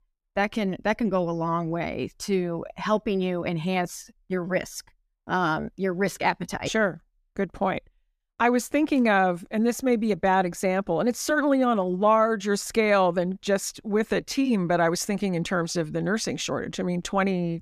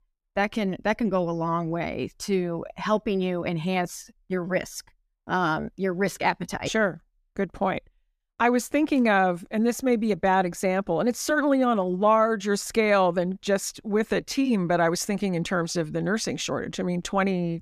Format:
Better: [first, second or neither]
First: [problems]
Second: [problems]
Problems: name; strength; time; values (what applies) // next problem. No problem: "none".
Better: neither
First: none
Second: none